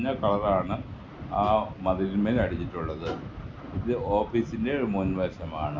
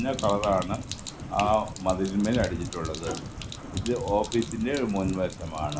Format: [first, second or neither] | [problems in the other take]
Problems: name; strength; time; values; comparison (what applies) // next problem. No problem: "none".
first | background sound (Sink (filling or washing)); 14 dB below the speech